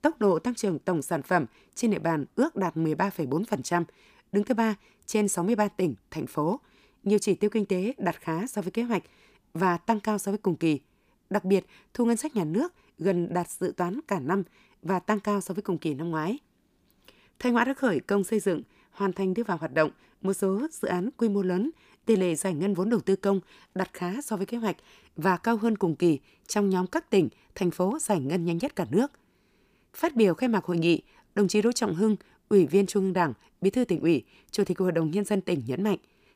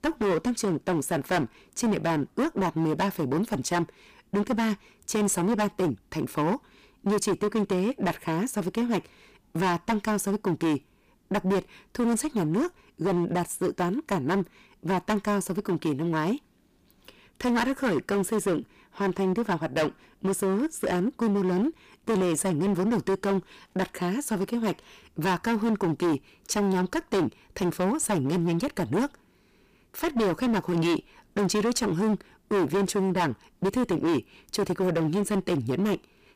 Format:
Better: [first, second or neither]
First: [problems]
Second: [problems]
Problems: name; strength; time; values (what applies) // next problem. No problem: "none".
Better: first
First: none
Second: distortion; heavy; 16% of the sound clipped